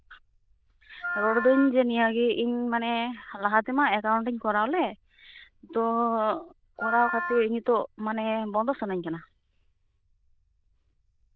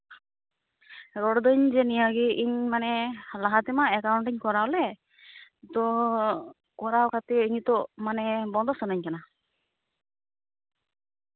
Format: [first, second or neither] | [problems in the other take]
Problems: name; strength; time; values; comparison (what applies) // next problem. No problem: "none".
second | noise reduction (neural diffusion model UNIVERSE++)